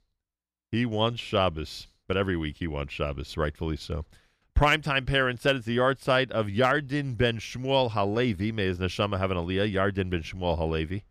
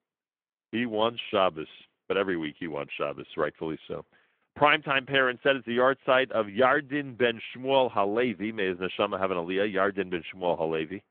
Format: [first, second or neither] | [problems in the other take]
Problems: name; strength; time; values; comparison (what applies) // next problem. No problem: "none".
first | phone-call audio; nothing above 3.5 kHz